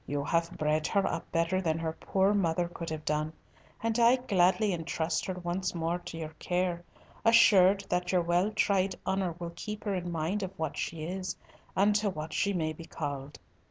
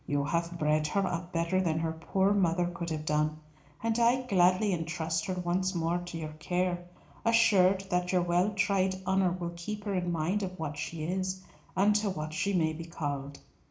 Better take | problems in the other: first | room echo; dies away in 0.4 s

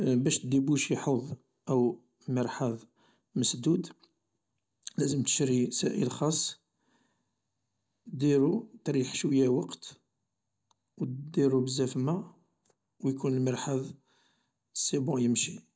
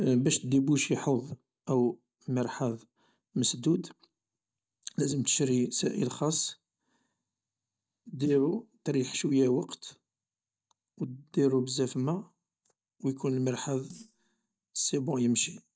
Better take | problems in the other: first | noise reduction (neural mask model DeepFilterNet 3)

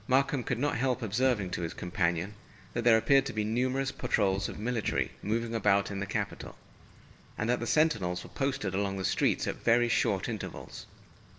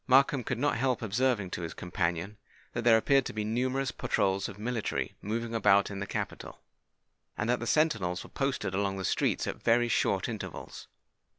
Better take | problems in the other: second | background sound (Wind / Rain); 18 dB below the speech // room echo; dies away in 0.8 s

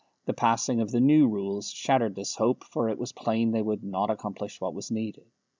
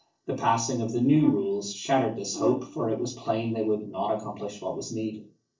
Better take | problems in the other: first | noise reduction (neural separator model SepFormer DNS4)

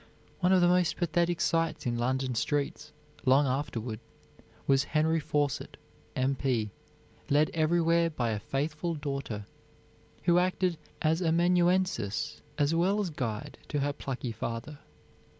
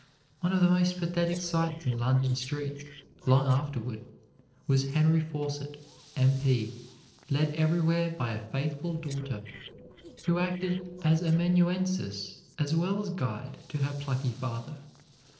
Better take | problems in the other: first | noise reduction (neural separator model SepFormer DNS4)

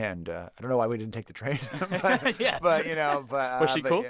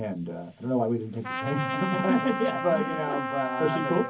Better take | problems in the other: first | background sound (Trumpet); 5 dB below the speech // room echo; dies away in 0.3 s

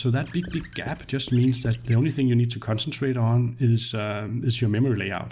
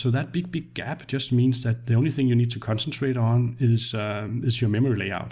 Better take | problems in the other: second | background sound (Squeak / Writing); 19 dB below the speech

